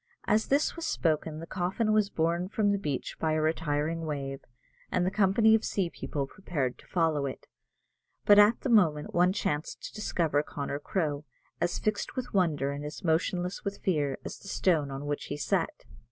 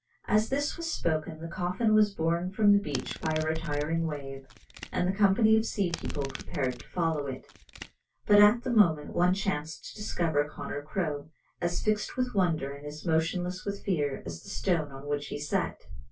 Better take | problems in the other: first | background sound (Domestic sounds, home sounds); 16 dB below the speech // room echo; dies away in 0.1 s

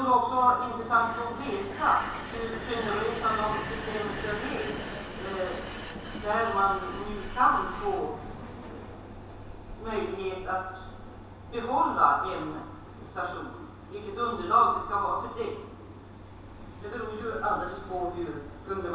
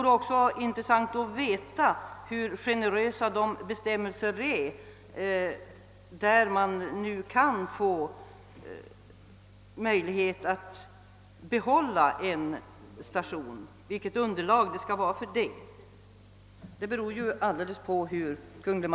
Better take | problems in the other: second | background sound (Vehicle); 10 dB below the speech // room echo; dies away in 0.7 s

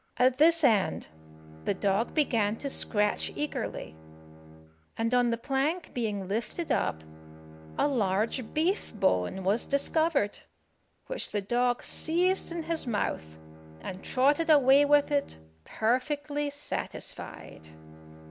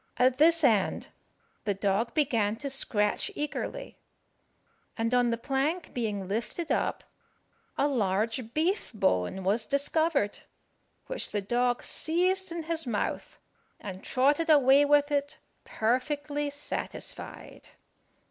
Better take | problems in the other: second | background sound (Bowed string instrument); 20 dB below the speech

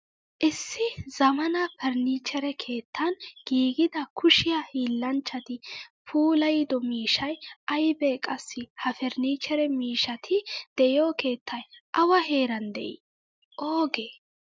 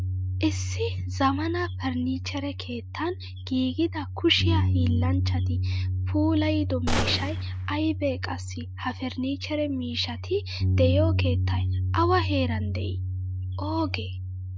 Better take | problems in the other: first | background sound (Bass guitar + Gunshot, gunfire); 1 dB above the speech

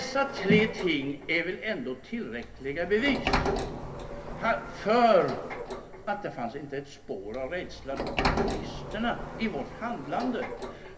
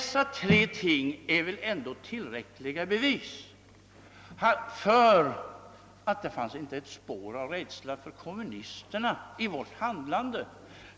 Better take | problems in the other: second | background sound (Sliding door); 5 dB below the speech // room echo; dies away in 0.3 s

